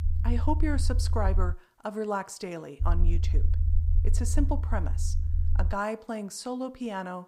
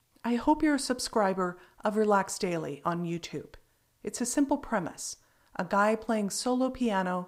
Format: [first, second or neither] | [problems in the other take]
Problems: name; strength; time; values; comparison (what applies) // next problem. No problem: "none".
second | low rumble; noticeable; until 1.5 s and from 3 to 5.5 s; 15 dB below the speech